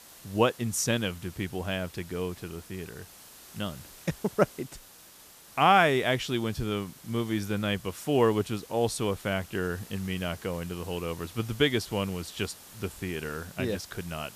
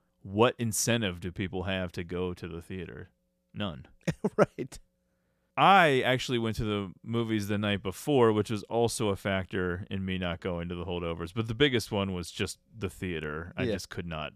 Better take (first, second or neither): second